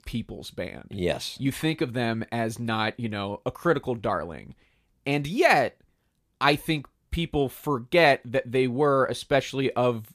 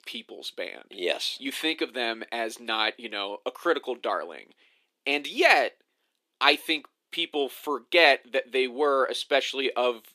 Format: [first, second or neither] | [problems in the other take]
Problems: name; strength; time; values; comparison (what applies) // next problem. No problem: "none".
first | thin; somewhat; fading below 300 Hz